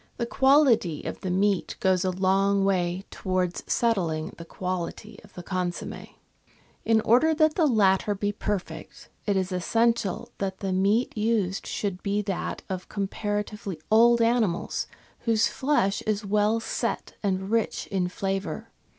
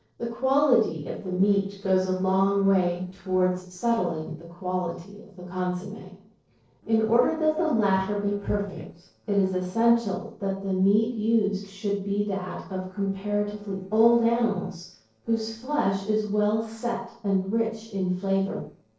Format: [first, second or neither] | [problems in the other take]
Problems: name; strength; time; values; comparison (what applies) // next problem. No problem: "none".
first | noise reduction (neural separator model SepFormer DNS4)